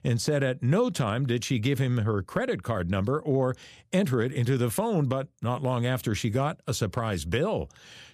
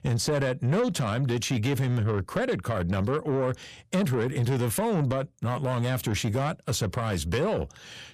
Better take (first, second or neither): first